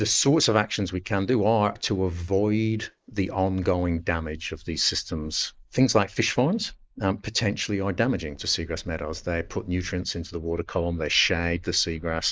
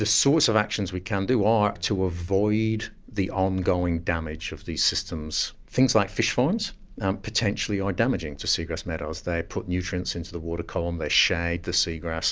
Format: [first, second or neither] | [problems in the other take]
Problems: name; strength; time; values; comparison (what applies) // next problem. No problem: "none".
second | noise reduction (neural mask model Resemble Enhance denoiser)